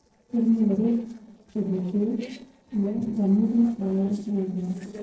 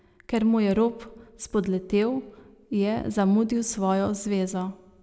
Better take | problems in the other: second | noise reduction (neural separator model SepFormer DNS4)

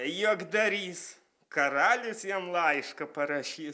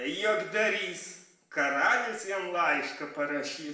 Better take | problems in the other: first | room echo; dies away in 0.7 s

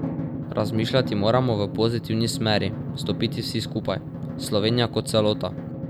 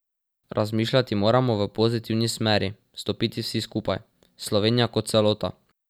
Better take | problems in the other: second | background sound (Drum); 6 dB below the speech

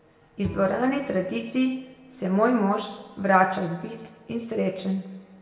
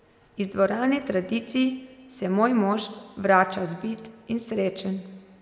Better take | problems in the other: second | background sound (Bowed string instrument); 16 dB below the speech // room echo; dies away in 0.5 s

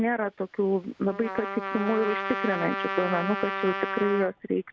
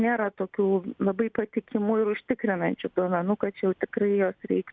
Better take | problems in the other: second | background sound (Trumpet); 5 dB below the speech

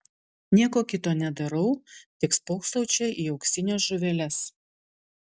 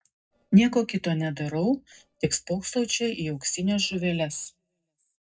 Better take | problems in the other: first | noise reduction (neural separator model SepFormer DNS4)

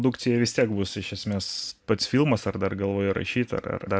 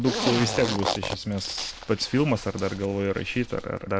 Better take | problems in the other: first | background sound (Zipper (clothing)); 6 dB below the speech

